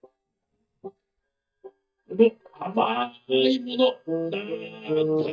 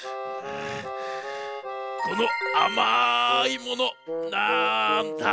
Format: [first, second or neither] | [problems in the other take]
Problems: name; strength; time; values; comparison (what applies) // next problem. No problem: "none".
second | noise reduction (neural mask model DeepFilterNet 3)